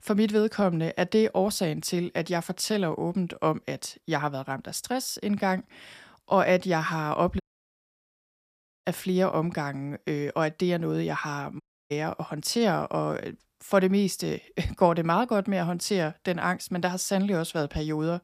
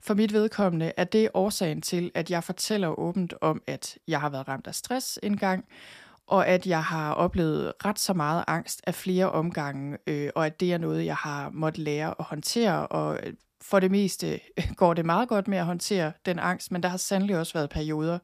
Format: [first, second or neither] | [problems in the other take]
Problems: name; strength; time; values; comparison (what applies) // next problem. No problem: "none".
second | audio cutting out; at 7.5 s for 1.5 s and at 12 s